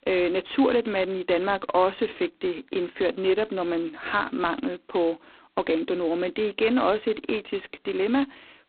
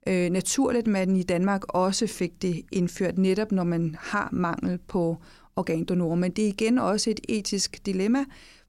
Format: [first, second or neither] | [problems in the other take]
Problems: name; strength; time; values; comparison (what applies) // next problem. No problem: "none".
second | phone-call audio; poor line; nothing above 4 kHz